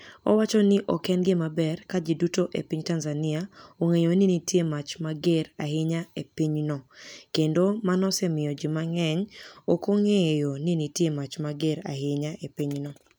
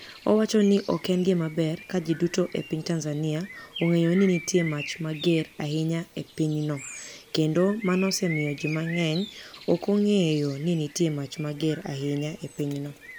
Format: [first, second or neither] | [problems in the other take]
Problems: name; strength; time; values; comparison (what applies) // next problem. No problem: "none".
first | background sound (Bird); 16 dB below the speech